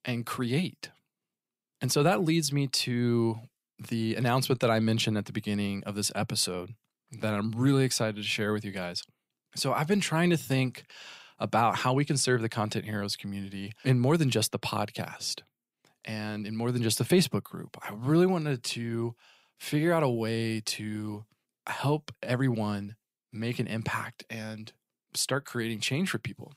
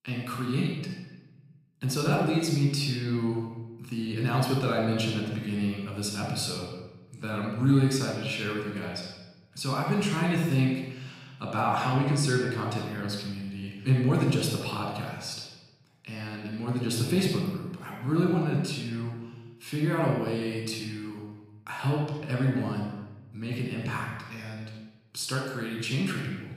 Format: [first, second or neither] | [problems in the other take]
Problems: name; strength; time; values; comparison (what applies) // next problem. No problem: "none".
first | off-mic speech; somewhat distant // room echo; noticeable; dies away in 0.9 s